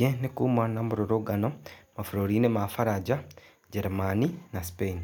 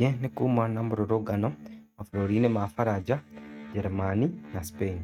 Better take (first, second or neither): first